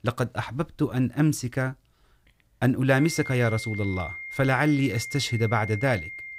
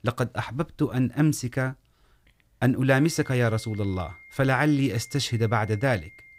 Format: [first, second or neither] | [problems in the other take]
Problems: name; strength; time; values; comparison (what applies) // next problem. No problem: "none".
second | high-pitched whine; loud; from 3 s on; 2 kHz, 9 dB below the speech; faint in the second